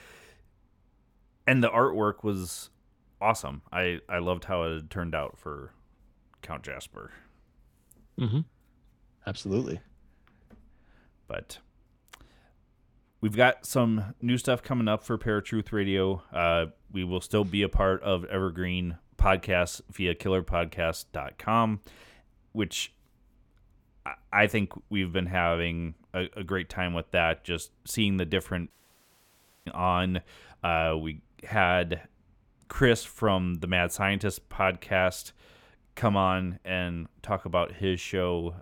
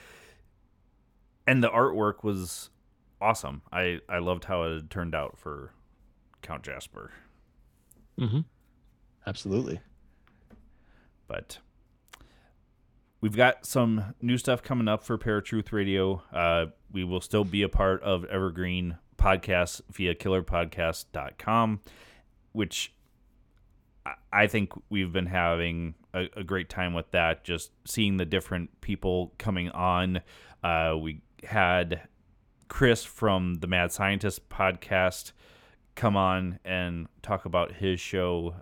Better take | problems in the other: second | audio cutting out; at 29 s for 1 s

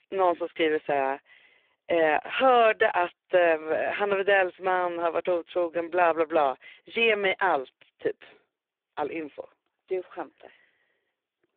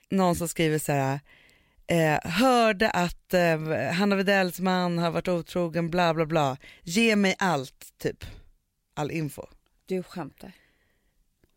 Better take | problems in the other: second | phone-call audio; poor line

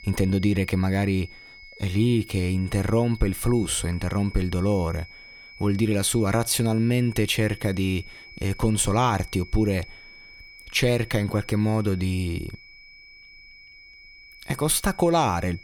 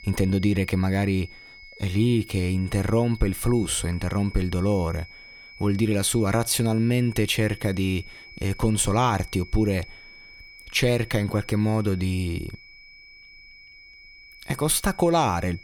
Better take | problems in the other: neither | high-pitched whine; noticeable; throughout; 2.5 kHz, 20 dB below the speech; the same in both

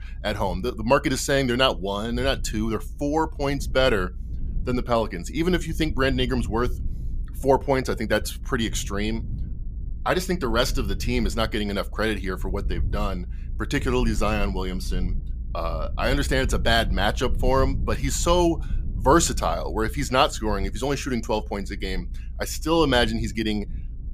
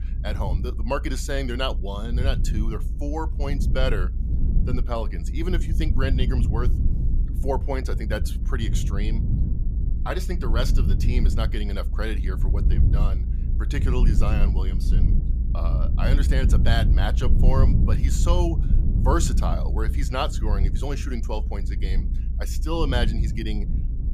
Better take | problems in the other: first | low rumble; loud; throughout; 9 dB below the speech; faint in the first

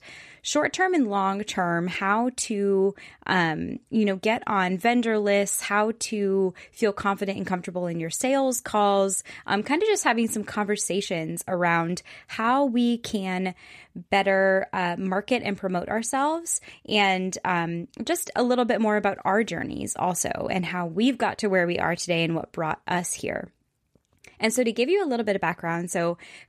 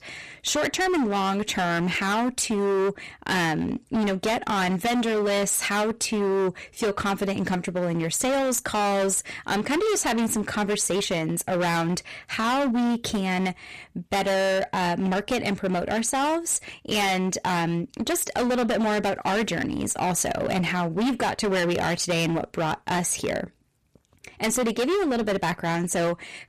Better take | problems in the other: first | distortion; heavy; 25% of the sound clipped

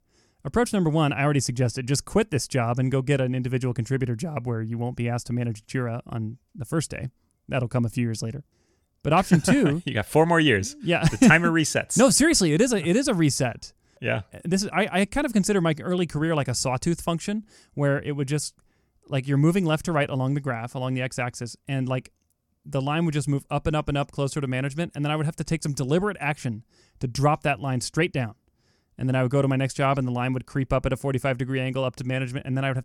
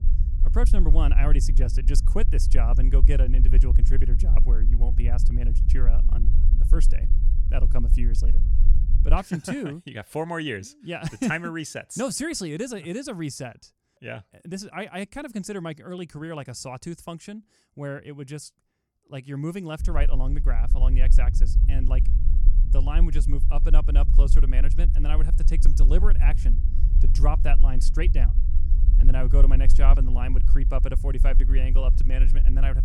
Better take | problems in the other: first | low rumble; noticeable; until 9 s and from 20 s on; 10 dB below the speech

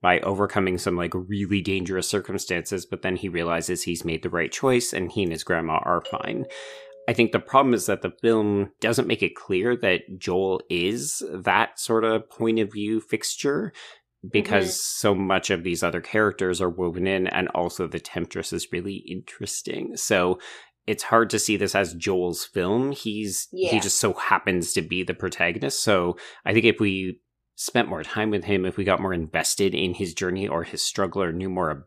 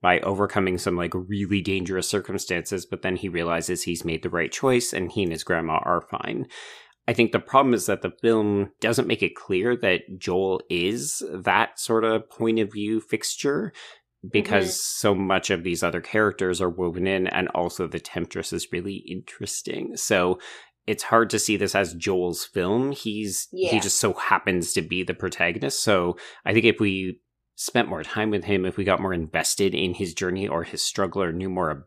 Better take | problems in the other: second | doorbell; faint; from 6 to 7.5 s; peak 15 dB below the speech

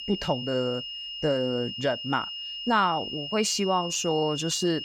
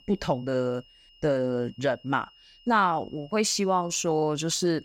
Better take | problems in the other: second | high-pitched whine; loud; throughout; 3 kHz, 6 dB below the speech; faint in the second

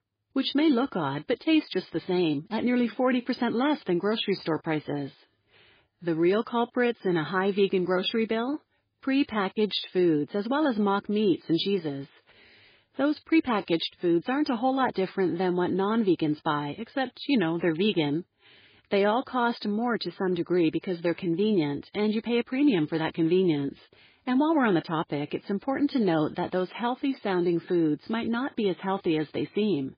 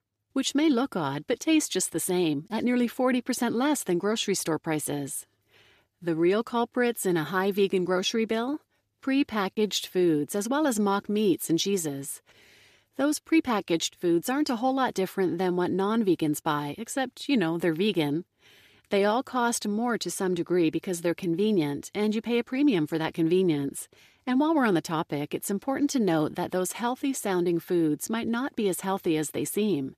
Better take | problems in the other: second | garbled, watery; badly

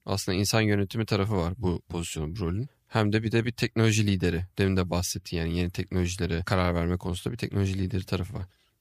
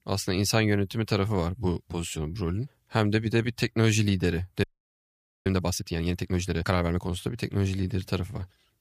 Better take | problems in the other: first | audio freezing; at 4.5 s for 1 s

